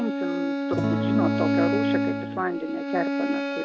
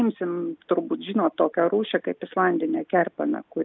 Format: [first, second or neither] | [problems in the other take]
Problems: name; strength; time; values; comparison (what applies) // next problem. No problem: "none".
second | background sound (Bowed string instrument + Acoustic guitar / Strum); 5 dB above the speech